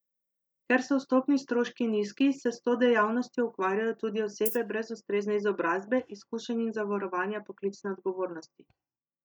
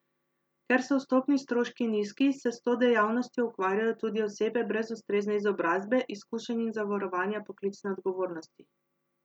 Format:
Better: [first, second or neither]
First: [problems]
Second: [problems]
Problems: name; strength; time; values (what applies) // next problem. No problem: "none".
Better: second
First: noise reduction (neural mask model DeepFilterNet 3)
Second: none